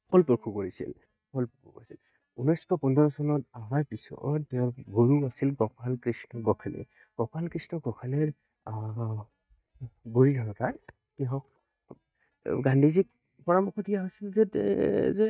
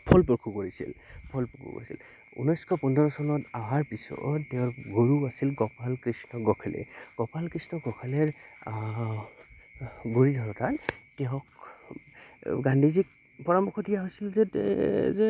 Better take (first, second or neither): second